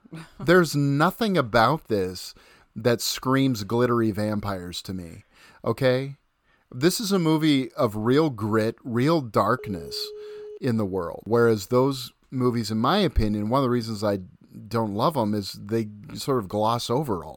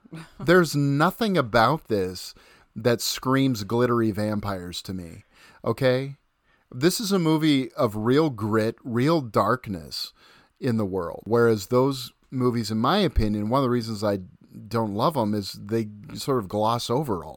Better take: second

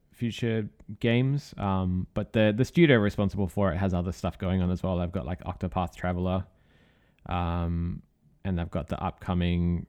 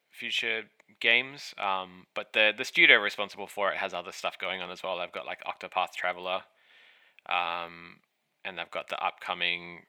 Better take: first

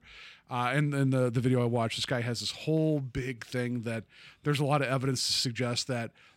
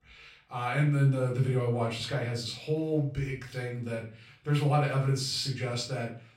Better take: first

